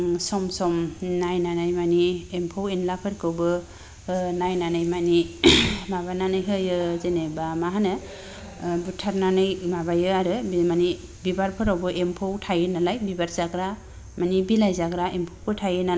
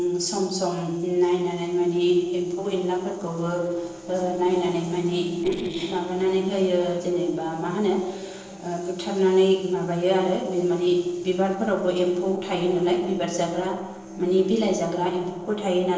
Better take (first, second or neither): first